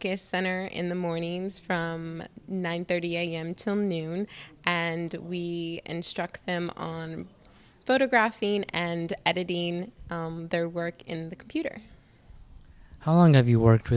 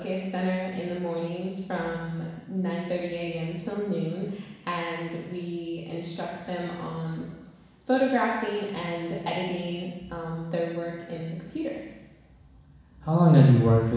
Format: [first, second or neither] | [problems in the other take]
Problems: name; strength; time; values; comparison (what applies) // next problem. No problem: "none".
first | room echo; dies away in 1.1 s